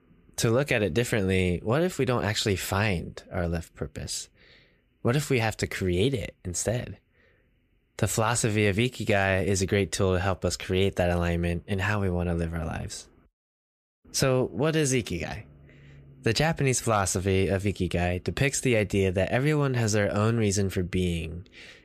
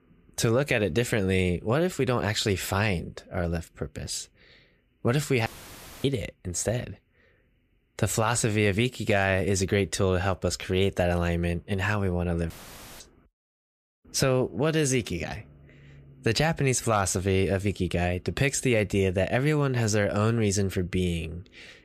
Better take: first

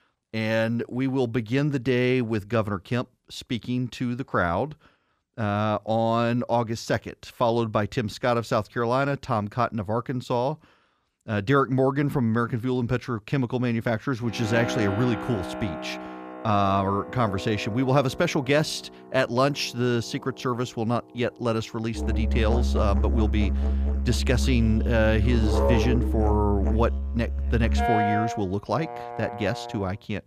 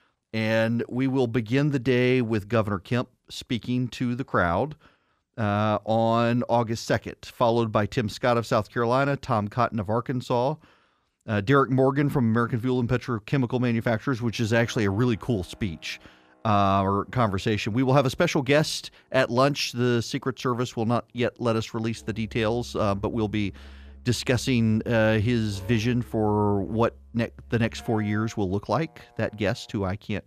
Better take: second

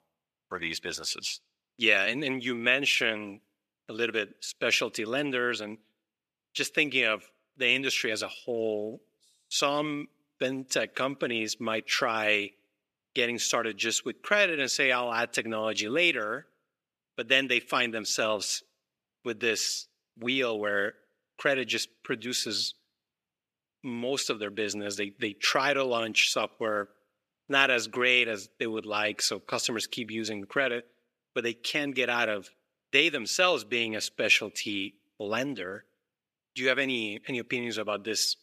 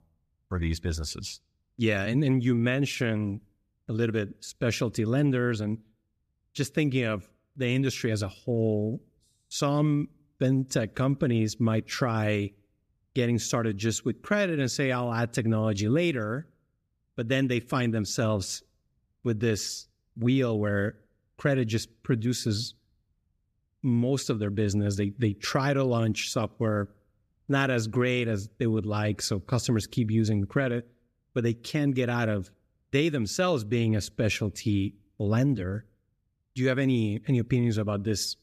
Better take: second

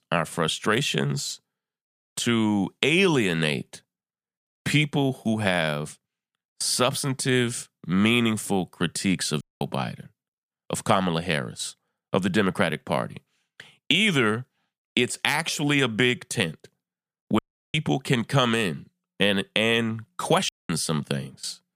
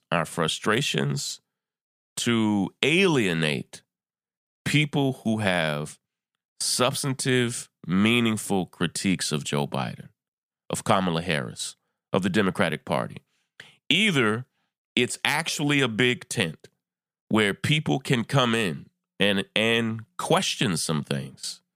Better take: second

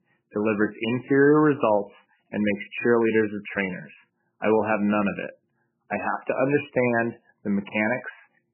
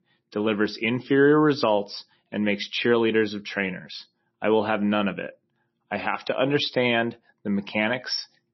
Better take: second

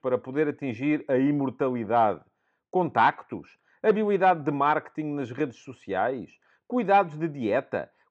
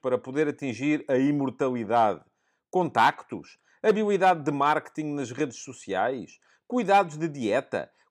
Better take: second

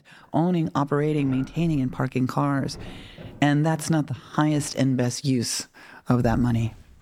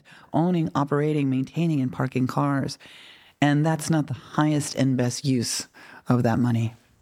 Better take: second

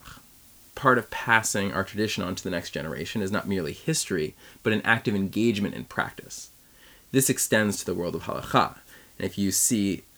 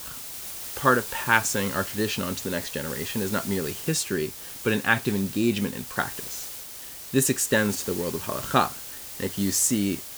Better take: first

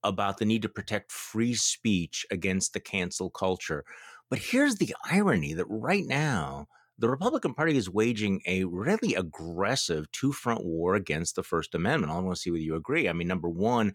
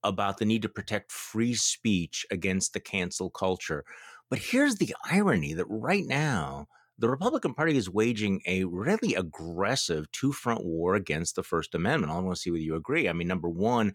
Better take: neither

